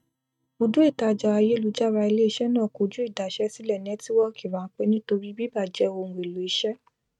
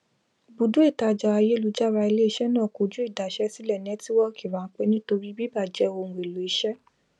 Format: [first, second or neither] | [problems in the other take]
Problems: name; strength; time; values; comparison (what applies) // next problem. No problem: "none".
second | noise reduction (neural mask model RNNoise)